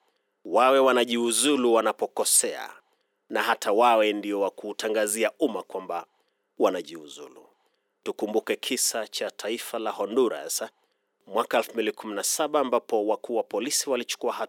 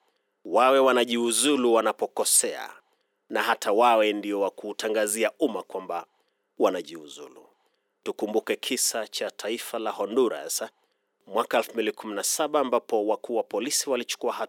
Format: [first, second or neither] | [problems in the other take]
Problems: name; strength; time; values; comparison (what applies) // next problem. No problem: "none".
neither | thin; somewhat; fading below 300 Hz; the same in both